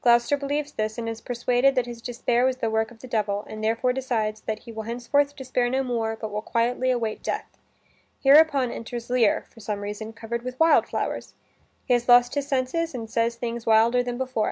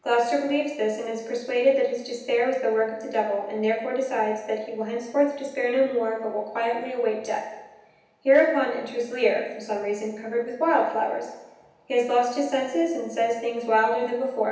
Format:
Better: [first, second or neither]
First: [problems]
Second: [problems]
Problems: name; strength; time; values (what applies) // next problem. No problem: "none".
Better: first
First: none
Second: room echo; dies away in 0.9 s